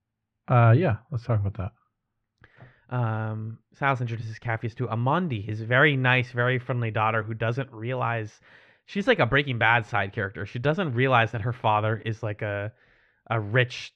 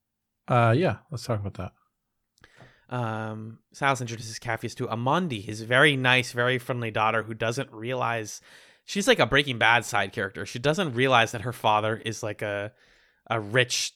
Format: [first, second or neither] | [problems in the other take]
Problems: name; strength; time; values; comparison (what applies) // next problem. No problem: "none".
second | muffled; very; fading above 2 kHz